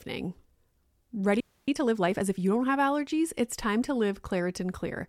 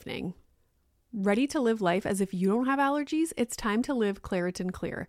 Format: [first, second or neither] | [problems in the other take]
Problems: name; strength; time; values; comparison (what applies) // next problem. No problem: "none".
second | audio freezing; at 1.5 s